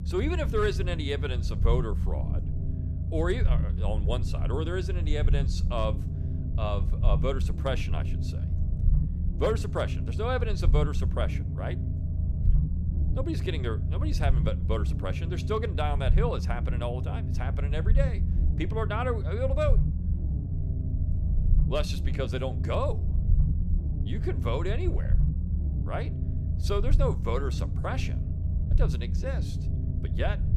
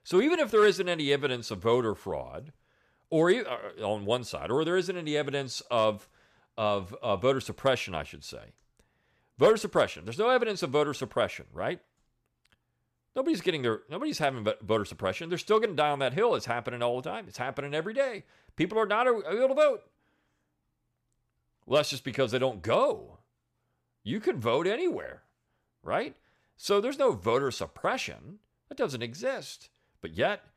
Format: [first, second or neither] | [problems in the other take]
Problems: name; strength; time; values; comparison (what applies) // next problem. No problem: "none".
second | low rumble; loud; throughout; 10 dB below the speech